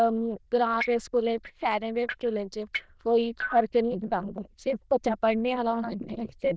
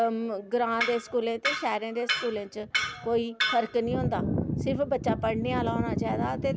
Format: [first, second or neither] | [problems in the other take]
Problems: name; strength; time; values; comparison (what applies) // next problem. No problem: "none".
second | noise reduction (neural diffusion model UNIVERSE++)